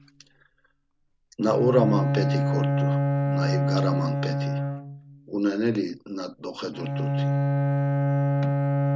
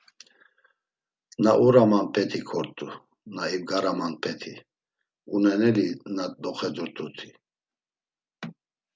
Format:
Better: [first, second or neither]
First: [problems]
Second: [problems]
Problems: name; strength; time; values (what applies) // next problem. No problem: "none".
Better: second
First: background sound (Bowed string instrument); 4 dB above the speech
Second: none